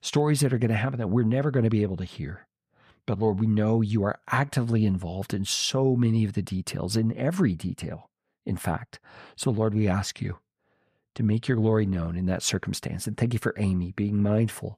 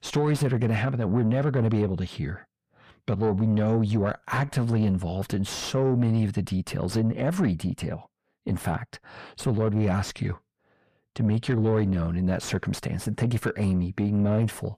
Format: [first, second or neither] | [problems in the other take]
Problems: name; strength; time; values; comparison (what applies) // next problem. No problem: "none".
first | distortion; slight; 10 dB below the speech